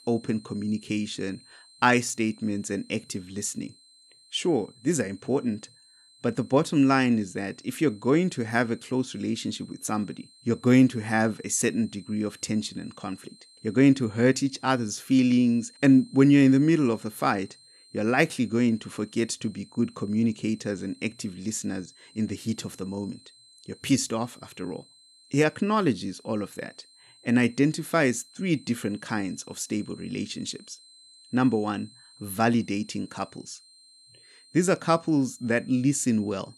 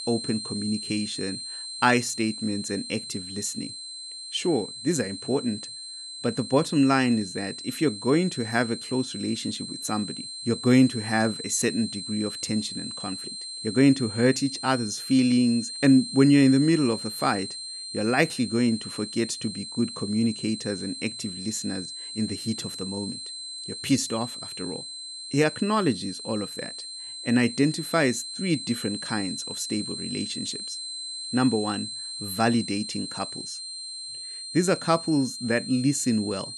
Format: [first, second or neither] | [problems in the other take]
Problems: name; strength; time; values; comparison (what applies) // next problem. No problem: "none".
first | high-pitched whine; loud; throughout; 4 kHz, 8 dB below the speech; faint in the first